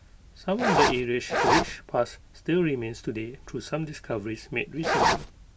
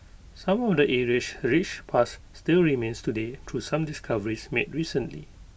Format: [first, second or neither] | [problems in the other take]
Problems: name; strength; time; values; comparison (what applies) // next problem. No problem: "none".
second | background sound (Zipper (clothing)); 5 dB above the speech